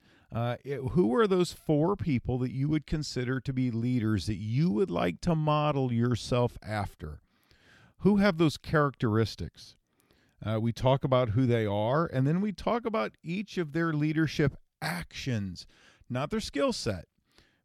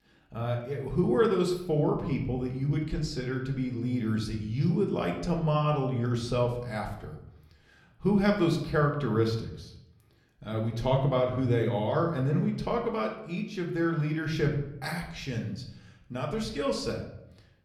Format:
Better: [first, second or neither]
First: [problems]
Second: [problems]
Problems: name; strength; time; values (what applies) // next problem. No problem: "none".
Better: first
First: none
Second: room echo; slight; dies away in 0.6 s // off-mic speech; somewhat distant